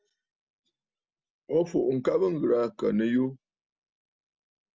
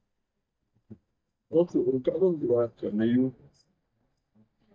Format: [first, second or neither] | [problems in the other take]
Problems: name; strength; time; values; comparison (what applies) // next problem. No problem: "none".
first | noise reduction (neural mask model DeepFilterNet 3)